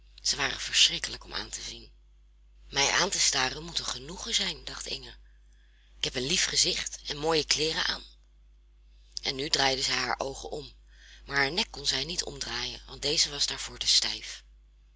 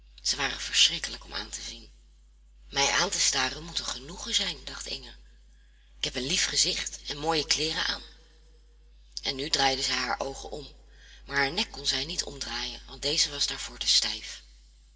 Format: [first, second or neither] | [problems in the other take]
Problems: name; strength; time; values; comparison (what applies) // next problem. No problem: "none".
first | room echo; dies away in 0.7 s